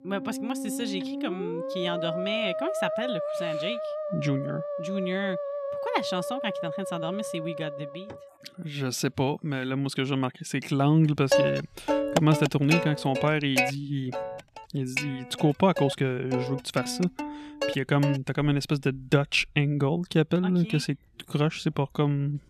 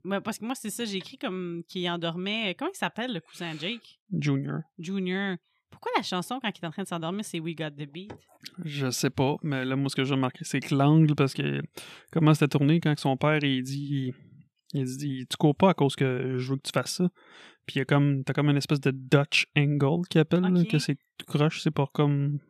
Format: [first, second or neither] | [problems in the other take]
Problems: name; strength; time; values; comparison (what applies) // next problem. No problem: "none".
second | background music; loud; throughout; 4 dB below the speech